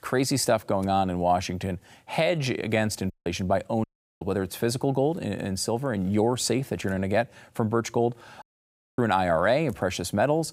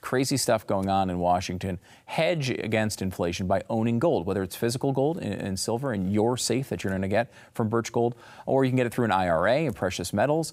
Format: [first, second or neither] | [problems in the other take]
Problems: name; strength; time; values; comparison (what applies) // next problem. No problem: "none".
second | audio cutting out; at 3 s, at 4 s and at 8.5 s for 0.5 s